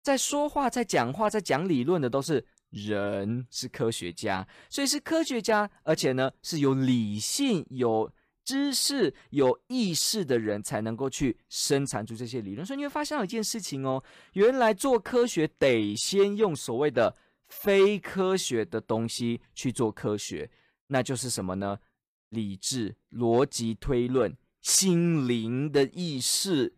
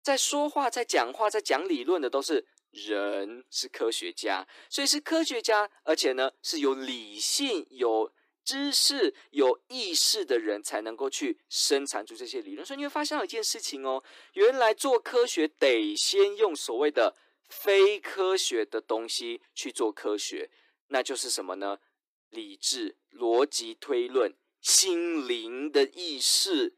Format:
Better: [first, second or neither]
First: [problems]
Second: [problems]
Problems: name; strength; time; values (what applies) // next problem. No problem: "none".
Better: first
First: none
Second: thin; somewhat; fading below 300 Hz